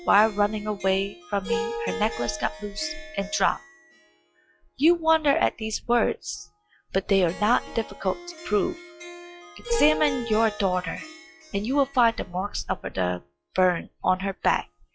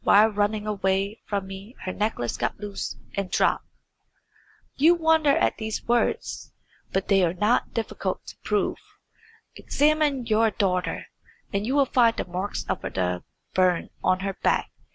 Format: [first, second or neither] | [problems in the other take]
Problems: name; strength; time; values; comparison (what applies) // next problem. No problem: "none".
second | noise reduction (classical method log-MMSE)